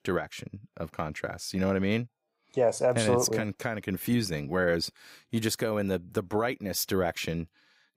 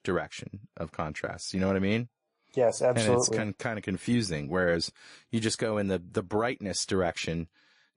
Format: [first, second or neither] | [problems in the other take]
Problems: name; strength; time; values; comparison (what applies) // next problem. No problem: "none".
first | garbled, watery; slightly; nothing above 10.5 kHz